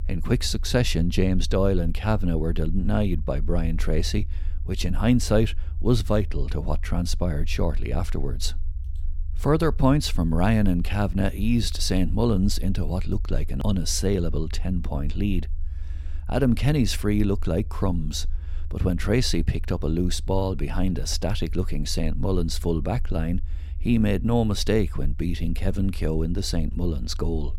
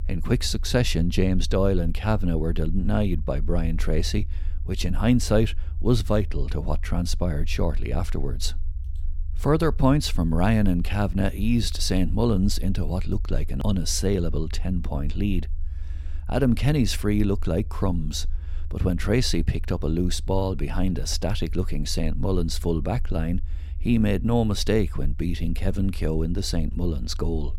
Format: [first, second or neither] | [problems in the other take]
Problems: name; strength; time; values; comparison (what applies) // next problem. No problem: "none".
neither | low rumble; faint; throughout; 25 dB below the speech; the same in both